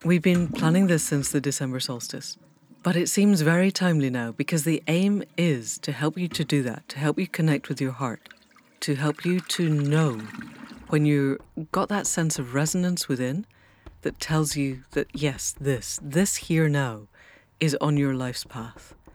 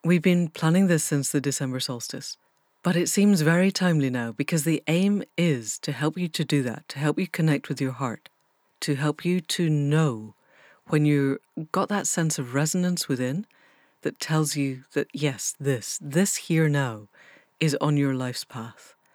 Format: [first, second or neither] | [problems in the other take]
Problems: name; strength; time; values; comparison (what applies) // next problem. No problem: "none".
second | household noises; noticeable; throughout; 20 dB below the speech